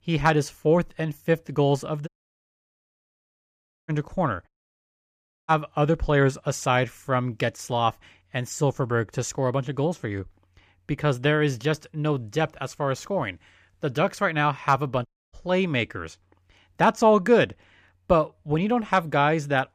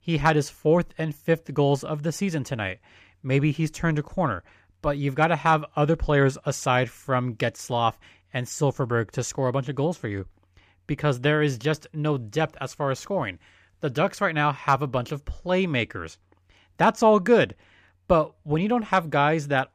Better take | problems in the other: second | audio cutting out; at 2 s for 2 s, at 4.5 s for 1 s and at 15 s

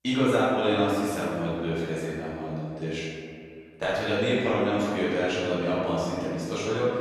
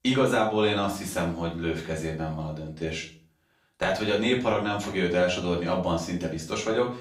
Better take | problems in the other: second | room echo; strong; dies away in 2.2 s; slight in the second // off-mic speech; far; far in the second

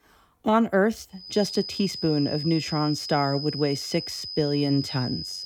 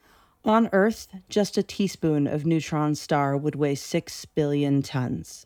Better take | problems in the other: second | high-pitched whine; loud; from 1.5 s on; 5 kHz, 7 dB below the speech

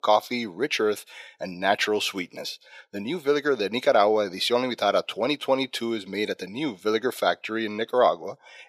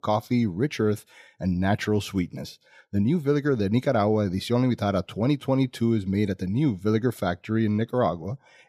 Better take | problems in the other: second | thin; very; fading below 550 Hz

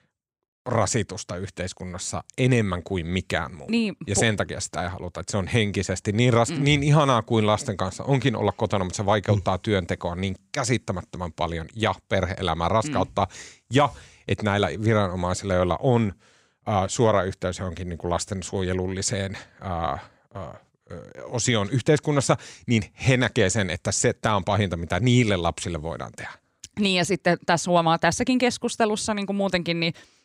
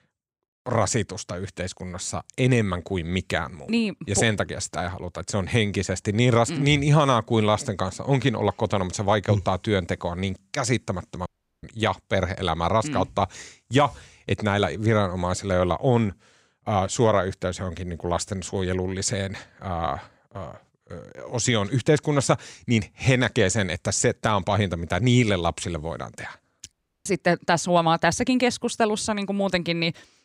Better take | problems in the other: first | audio cutting out; at 11 s and at 27 s

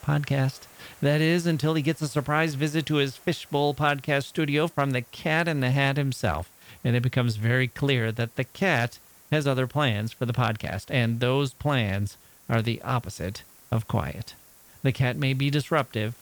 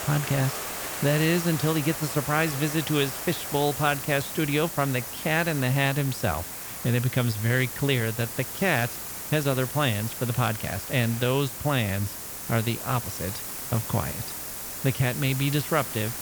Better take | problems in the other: first | hiss; loud; throughout; 6 dB below the speech; faint in the first

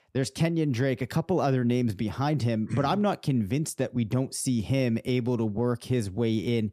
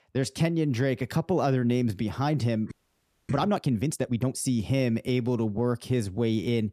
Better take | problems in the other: first | audio freezing; at 2.5 s for 0.5 s

